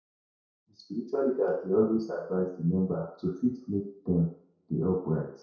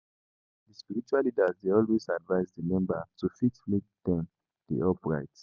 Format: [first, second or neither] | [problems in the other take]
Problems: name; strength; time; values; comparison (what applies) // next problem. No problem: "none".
second | room echo; dies away in 0.5 s